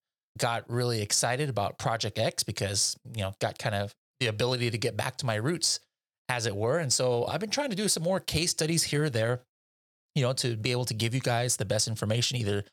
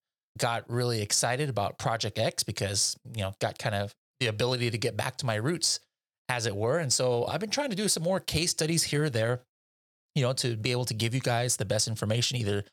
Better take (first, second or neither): neither